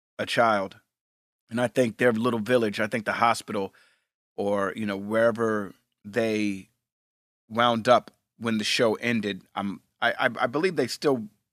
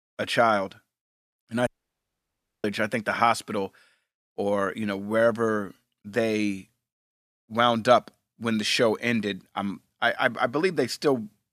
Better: first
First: none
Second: audio cutting out; at 1.5 s for 1 s

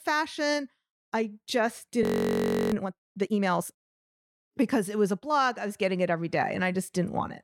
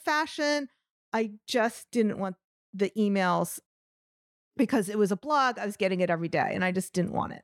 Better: second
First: audio freezing; at 2 s for 0.5 s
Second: none

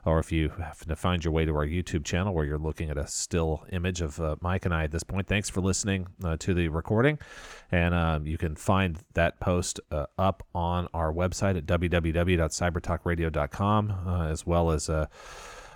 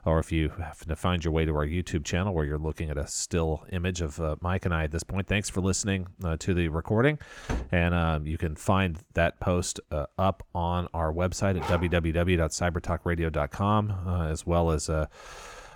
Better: first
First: none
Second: door banging; noticeable; at 7.5 s; peak 7 dB below the speech // dog barking; noticeable; at 12 s; peak 8 dB below the speech

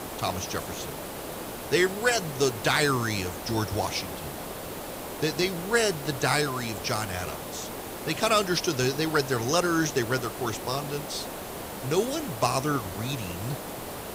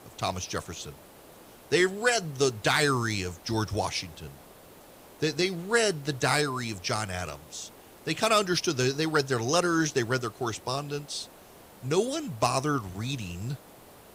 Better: second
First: hiss; loud; throughout; 9 dB below the speech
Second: hiss; faint; throughout; 25 dB below the speech

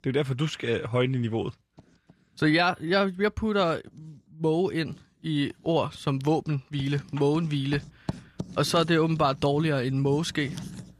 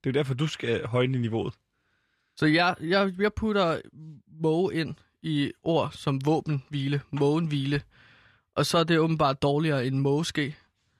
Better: second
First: household noises; noticeable; throughout; 15 dB below the speech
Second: none

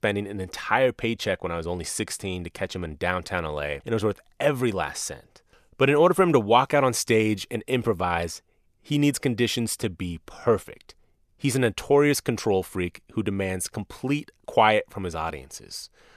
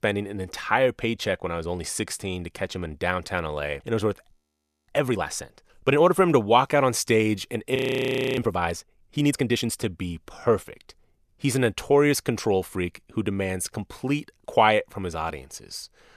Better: first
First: none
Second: audio freezing; at 4.5 s for 0.5 s and at 8 s for 0.5 s

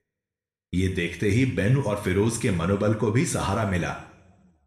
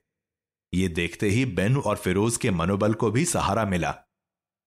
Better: second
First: room echo; slight; dies away in 0.7 s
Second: none

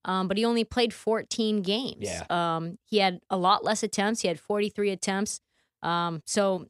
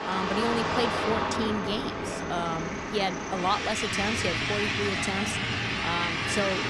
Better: first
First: none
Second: traffic noise; very loud; throughout; 2 dB above the speech

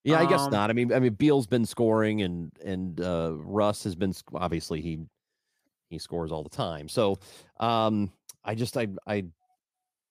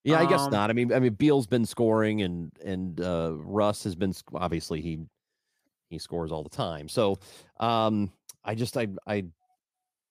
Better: neither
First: none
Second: none

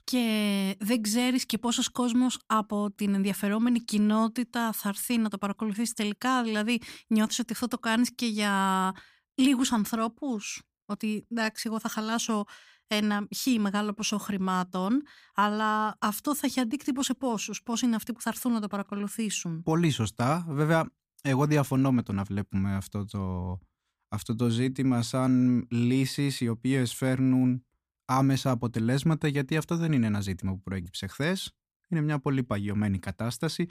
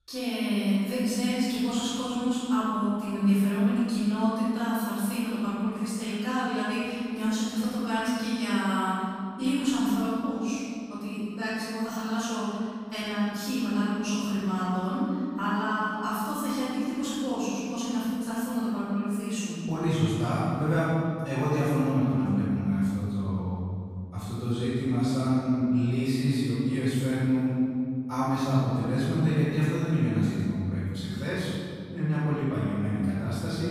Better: first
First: none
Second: room echo; strong; dies away in 2.4 s // off-mic speech; far

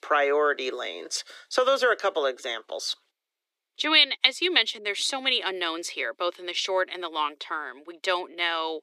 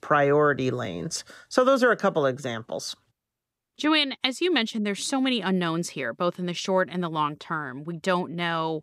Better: second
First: thin; very; fading below 350 Hz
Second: none

